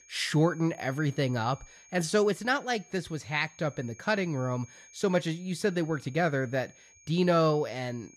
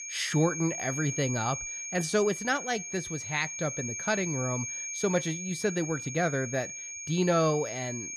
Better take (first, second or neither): first